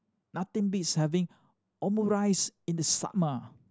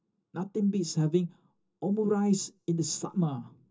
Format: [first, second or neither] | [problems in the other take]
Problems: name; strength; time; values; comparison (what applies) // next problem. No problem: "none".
first | room echo; dies away in 0.2 s